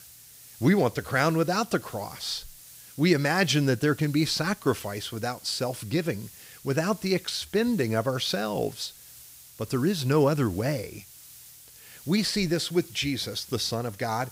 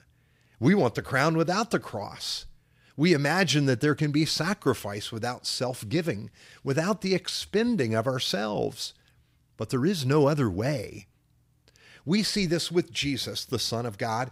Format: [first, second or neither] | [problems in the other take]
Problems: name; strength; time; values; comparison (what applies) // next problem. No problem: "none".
second | hiss; noticeable; throughout; 20 dB below the speech